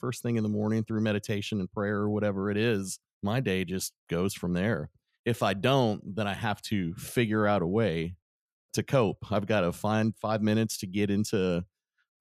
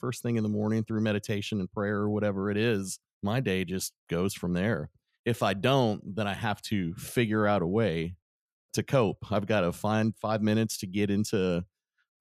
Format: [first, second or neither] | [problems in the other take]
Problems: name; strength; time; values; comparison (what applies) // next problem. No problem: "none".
neither | none